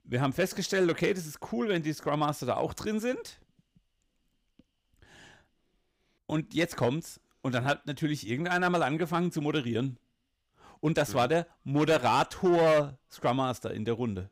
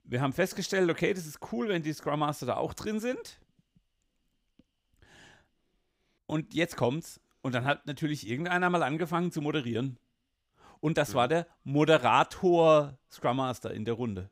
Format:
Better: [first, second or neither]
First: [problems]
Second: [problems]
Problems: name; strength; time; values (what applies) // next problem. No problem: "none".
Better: second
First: distortion; slight; 3% of the sound clipped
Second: none